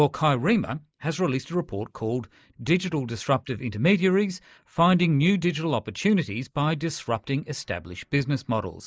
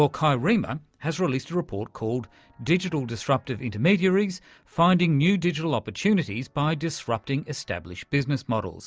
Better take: second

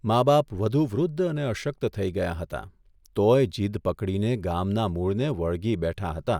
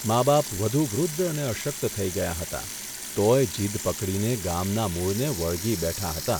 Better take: first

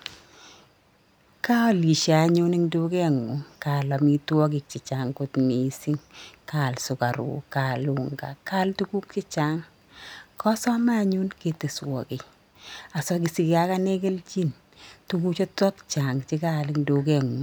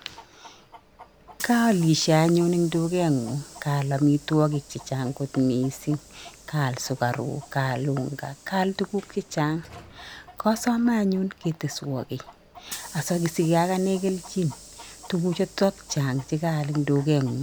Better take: first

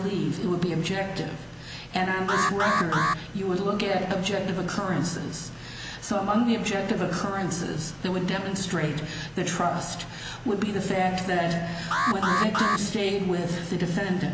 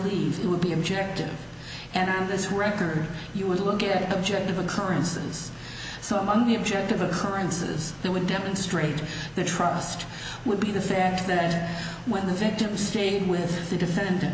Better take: second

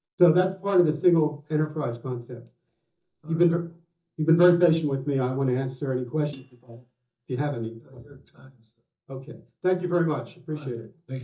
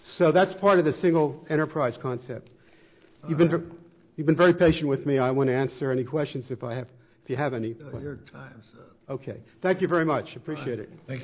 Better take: second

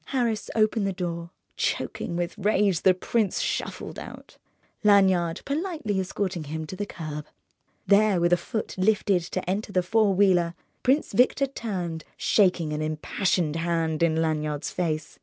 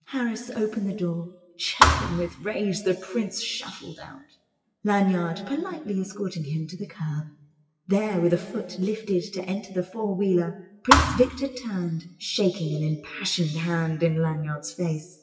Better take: first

